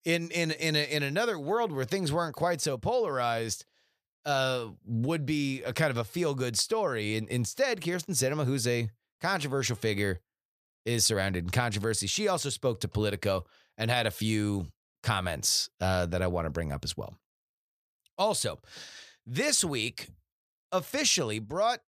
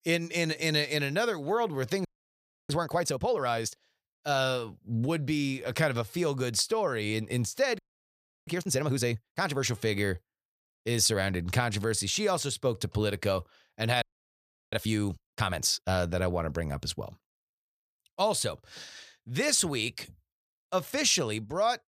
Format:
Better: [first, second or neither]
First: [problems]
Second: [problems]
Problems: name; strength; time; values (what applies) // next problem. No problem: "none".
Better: first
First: none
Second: audio freezing; at 2 s for 0.5 s, at 8 s for 0.5 s and at 14 s for 0.5 s